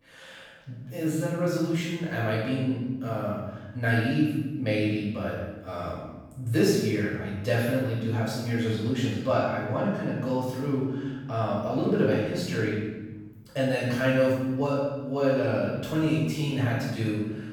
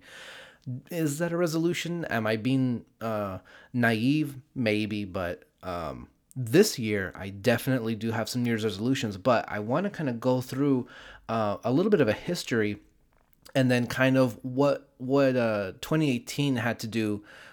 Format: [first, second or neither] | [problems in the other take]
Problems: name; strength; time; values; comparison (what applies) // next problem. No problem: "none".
second | off-mic speech; far // room echo; strong; dies away in 1.2 s